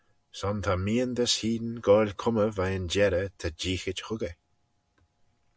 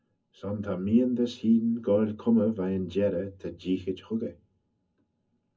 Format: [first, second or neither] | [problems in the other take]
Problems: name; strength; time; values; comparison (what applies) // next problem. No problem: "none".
first | room echo; dies away in 0.4 s